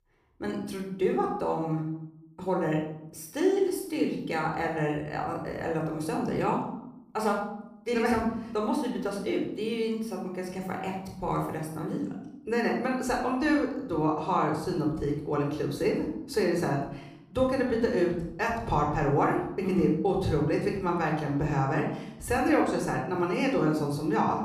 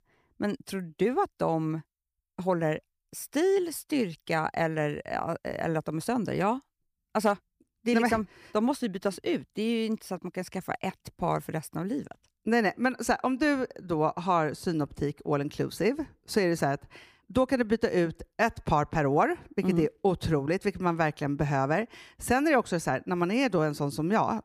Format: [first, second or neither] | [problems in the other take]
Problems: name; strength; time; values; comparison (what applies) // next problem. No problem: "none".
second | off-mic speech; somewhat distant // room echo; noticeable; dies away in 0.7 s